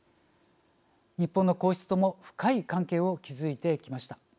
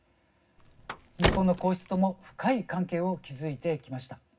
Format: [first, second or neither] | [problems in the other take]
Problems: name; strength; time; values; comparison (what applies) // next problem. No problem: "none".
first | background sound (Car); 5 dB below the speech // room echo; dies away in 0.4 s